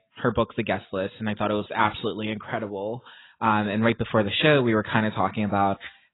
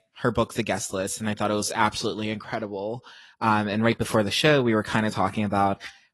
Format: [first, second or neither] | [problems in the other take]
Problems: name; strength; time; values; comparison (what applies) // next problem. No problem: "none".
second | garbled, watery; badly; nothing above 4 kHz; slightly in the second